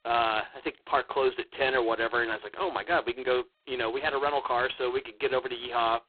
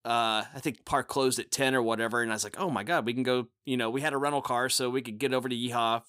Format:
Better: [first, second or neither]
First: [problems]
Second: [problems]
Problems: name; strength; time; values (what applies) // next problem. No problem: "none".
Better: second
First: phone-call audio; poor line; nothing above 4 kHz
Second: none